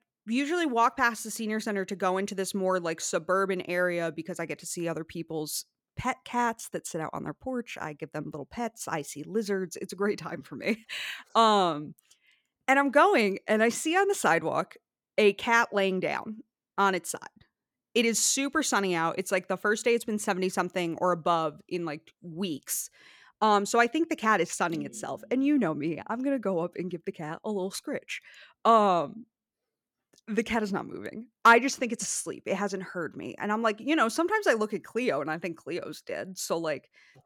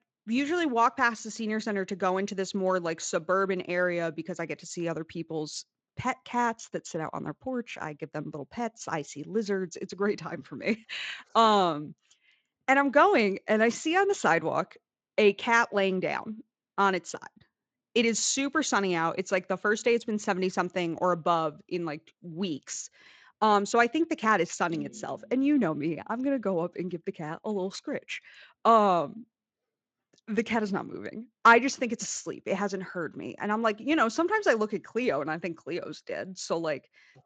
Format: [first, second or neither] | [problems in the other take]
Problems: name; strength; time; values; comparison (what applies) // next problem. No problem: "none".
first | garbled, watery; slightly; nothing above 7.5 kHz